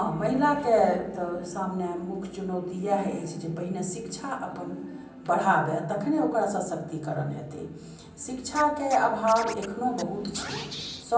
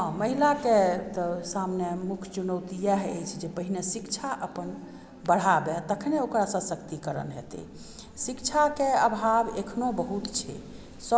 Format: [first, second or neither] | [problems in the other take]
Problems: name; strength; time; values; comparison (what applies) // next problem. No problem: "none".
second | background sound (Scratching (performance technique)); 13 dB below the speech // room echo; dies away in 0.6 s